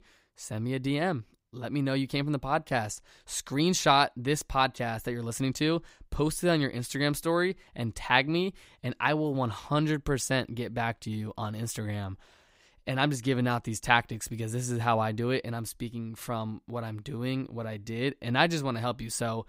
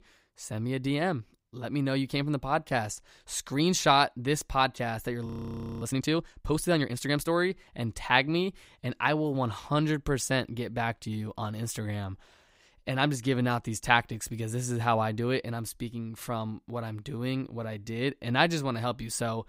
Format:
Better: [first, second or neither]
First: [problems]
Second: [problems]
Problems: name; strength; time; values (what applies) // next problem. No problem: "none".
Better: first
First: none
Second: audio freezing; at 5.5 s for 0.5 s